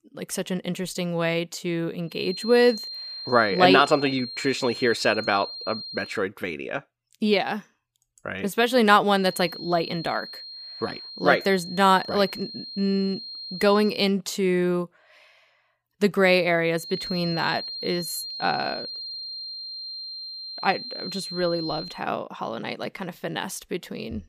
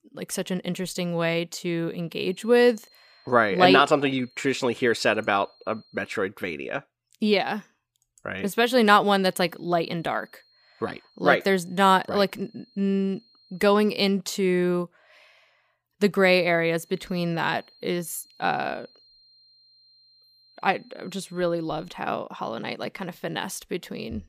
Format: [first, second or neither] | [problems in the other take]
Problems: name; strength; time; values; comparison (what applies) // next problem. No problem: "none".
second | high-pitched whine; loud; from 2 to 6 s, from 9 to 14 s and from 17 to 22 s; 4 kHz, 10 dB below the speech; faint in the second